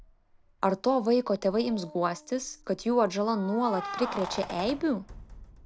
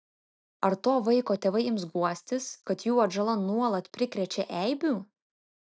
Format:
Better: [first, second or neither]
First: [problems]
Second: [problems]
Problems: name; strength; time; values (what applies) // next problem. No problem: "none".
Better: second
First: background sound (Keys jangling); 14 dB below the speech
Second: none